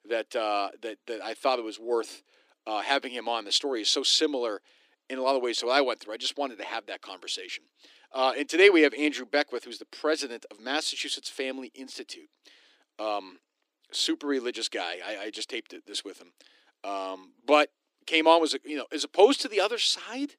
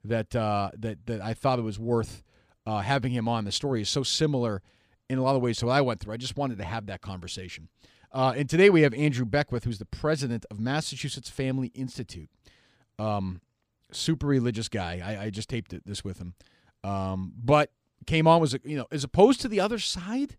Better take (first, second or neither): second